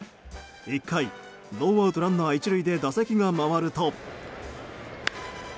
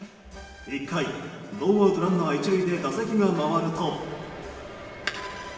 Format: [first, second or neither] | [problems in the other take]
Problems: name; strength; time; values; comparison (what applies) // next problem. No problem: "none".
first | room echo; dies away in 1.6 s